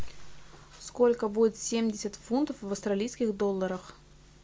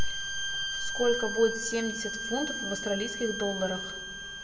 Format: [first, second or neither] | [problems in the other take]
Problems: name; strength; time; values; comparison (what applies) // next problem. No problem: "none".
first | background sound (Bowed string instrument); 4 dB below the speech // room echo; dies away in 1.5 s